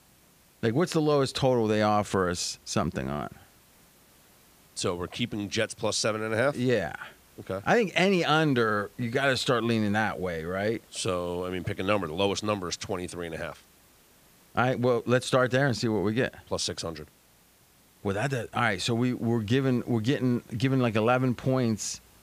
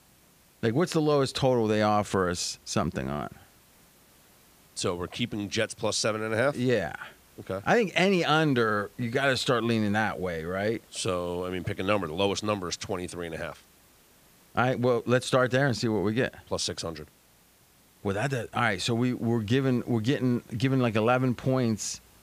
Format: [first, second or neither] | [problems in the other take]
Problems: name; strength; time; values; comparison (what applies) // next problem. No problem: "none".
neither | hiss; faint; throughout; 30 dB below the speech; the same in both